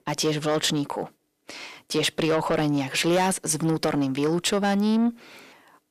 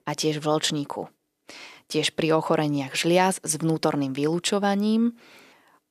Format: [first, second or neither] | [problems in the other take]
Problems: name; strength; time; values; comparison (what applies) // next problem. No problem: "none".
second | distortion; slight; 10 dB below the speech